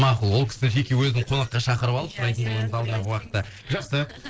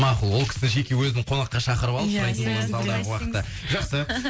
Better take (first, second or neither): second